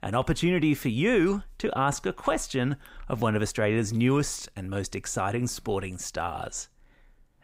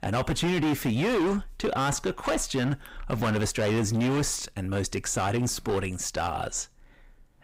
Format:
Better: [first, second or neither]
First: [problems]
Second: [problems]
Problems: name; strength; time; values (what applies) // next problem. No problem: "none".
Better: first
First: none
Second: distortion; heavy; 17% of the sound clipped